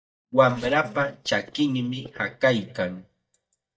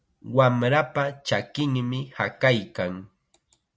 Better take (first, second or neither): second